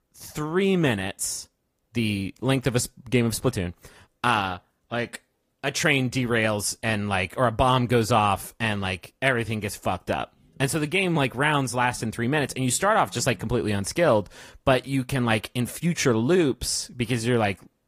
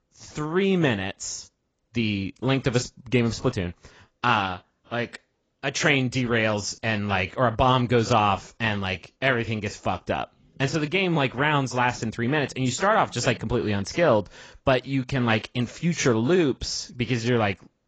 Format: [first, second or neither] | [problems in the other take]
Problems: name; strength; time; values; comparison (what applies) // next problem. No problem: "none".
first | garbled, watery; badly; nothing above 7.5 kHz; slightly in the first